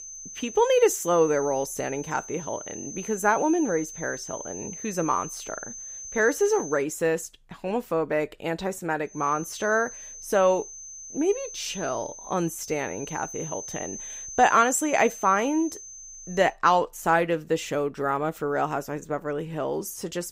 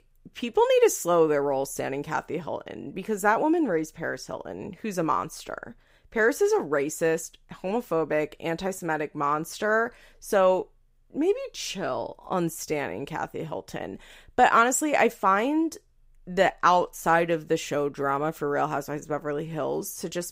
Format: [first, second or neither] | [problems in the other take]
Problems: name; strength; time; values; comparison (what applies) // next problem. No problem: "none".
second | high-pitched whine; noticeable; until 7 s and from 9 to 16 s; 6 kHz, 10 dB below the speech